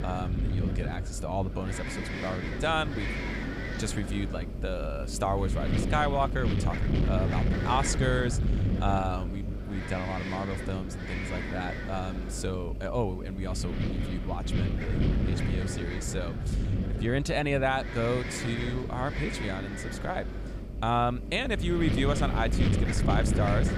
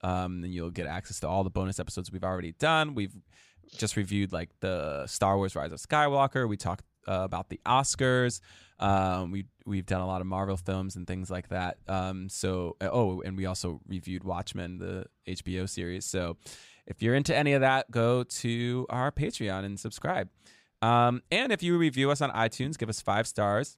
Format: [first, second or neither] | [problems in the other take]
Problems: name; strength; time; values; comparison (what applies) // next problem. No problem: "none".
second | wind noise on the microphone; heavy; 6 dB below the speech